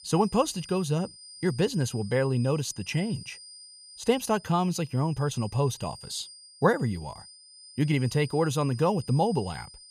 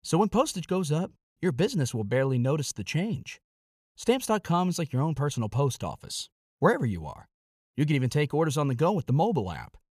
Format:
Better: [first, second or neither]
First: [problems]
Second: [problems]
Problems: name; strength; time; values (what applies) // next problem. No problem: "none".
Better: second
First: high-pitched whine; noticeable; throughout; 5 kHz, 20 dB below the speech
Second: none